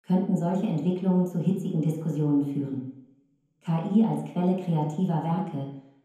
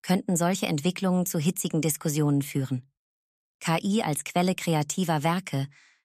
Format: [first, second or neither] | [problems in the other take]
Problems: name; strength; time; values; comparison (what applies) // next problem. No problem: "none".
second | room echo; noticeable; dies away in 0.9 s // off-mic speech; far